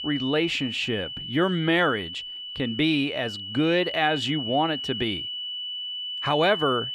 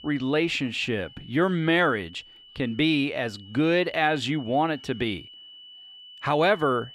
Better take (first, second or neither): second